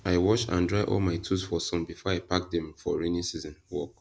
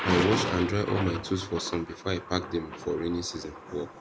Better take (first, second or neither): first